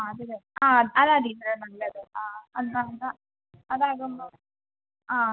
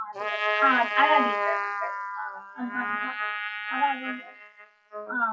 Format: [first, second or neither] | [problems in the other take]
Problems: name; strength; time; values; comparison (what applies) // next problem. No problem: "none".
first | noise reduction (classical method WPE with log-MMSE)